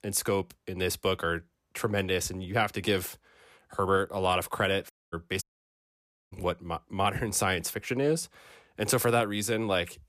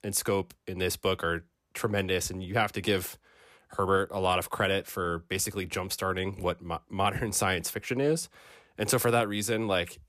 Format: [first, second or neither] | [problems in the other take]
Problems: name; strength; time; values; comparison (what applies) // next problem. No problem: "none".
second | audio cutting out; at 5 s and at 5.5 s for 1 s